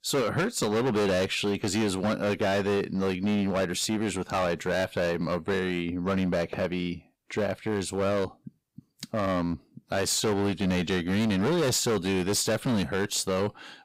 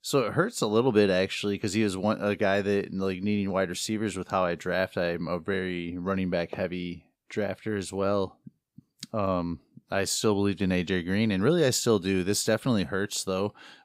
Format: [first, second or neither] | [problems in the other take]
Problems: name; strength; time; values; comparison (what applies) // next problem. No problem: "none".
second | distortion; heavy; 17% of the sound clipped